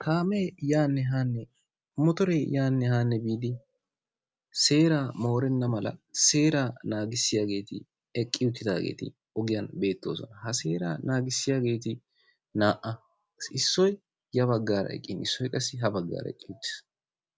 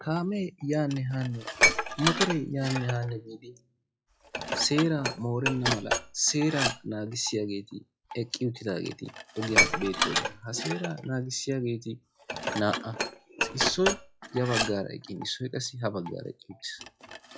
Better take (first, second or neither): first